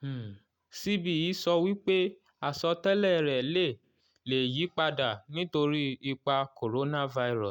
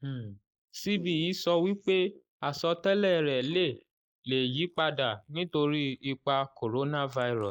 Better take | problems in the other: first | noise reduction (neural mask model Resemble Enhance denoiser)

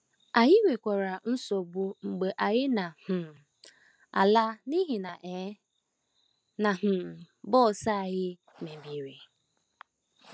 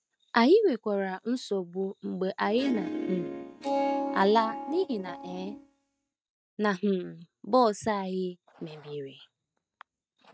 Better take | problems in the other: first | noise reduction (neural mask model RNNoise)

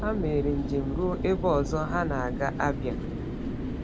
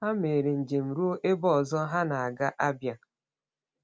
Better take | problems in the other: second | background sound (Mechanical fan); 3 dB below the speech

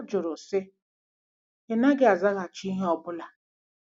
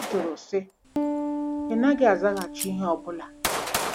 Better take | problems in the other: first | background sound (Piano + Gunshot, gunfire); 4 dB below the speech

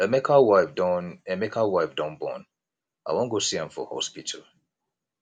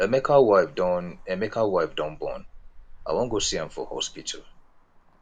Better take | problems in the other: first | background sound (Traffic noise, roadway noise); 17 dB below the speech

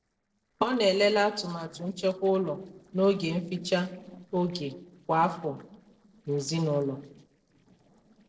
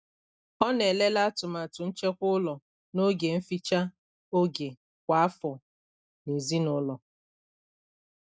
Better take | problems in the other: second | noise reduction (neural separator model SepFormer DNS4)

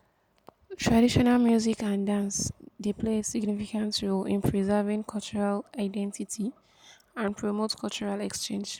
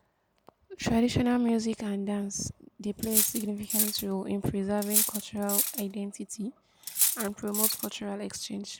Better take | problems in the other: first | background sound (Cutlery, silverware); 1 dB above the speech

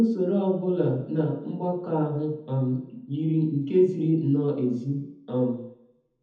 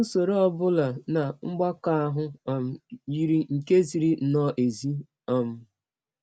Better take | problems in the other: second | room echo; dies away in 1 s

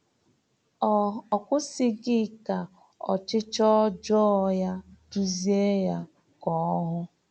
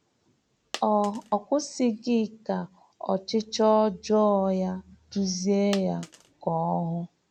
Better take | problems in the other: first | background sound (Coin (dropping)); 19 dB below the speech

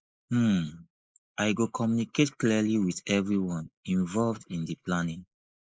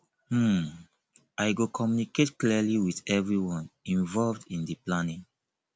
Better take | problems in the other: second | noise reduction (neural mask model Resemble Enhance denoiser)

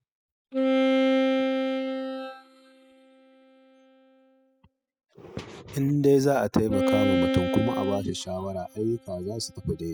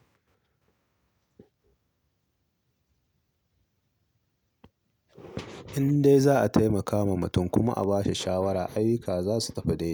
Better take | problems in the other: second | noise reduction (classical method spectral subtraction)

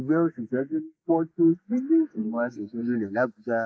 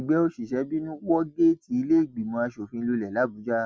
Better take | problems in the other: second | noise reduction (neural mask model Resemble Enhance denoiser)

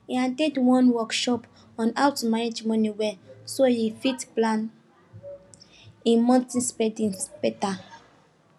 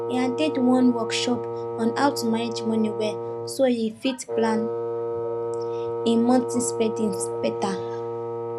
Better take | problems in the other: first | background sound (Wind instrument, woodwind instrument); 4 dB below the speech

